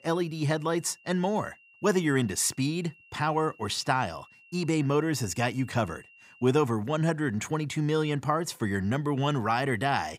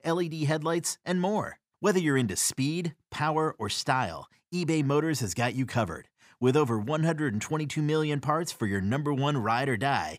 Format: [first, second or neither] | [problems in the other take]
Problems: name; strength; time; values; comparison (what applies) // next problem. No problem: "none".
second | high-pitched whine; faint; until 6.5 s; 2.5 kHz, 25 dB below the speech